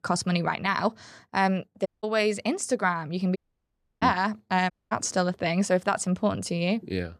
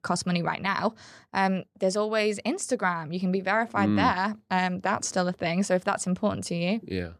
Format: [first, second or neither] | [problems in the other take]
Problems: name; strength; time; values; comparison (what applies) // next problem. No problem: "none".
second | audio cutting out; at 2 s, at 3.5 s for 0.5 s and at 4.5 s